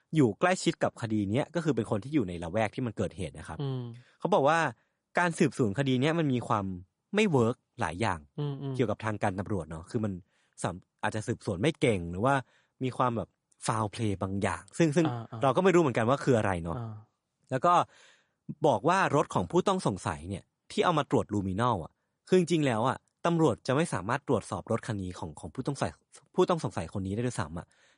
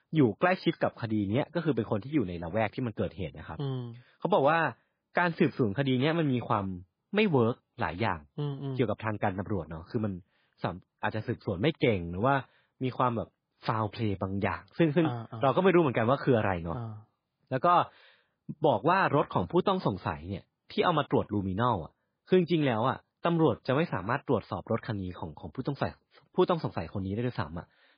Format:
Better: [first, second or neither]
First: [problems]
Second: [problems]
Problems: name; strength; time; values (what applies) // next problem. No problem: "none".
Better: first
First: garbled, watery; slightly; nothing above 10.5 kHz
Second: garbled, watery; badly; nothing above 4 kHz